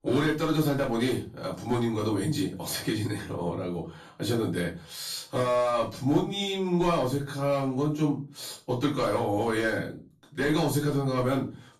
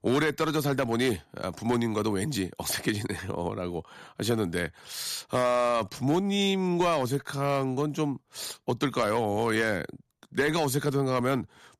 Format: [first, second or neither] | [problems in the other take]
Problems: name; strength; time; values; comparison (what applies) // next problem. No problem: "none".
second | off-mic speech; far // room echo; slight; dies away in 0.3 s